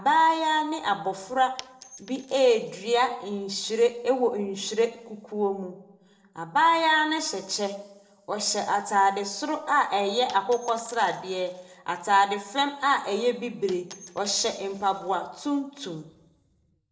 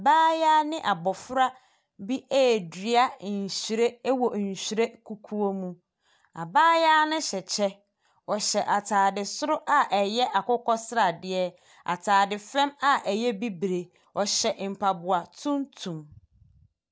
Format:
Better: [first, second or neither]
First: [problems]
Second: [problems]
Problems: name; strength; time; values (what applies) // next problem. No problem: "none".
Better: second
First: noise reduction (neural separator model SepFormer DNS4)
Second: none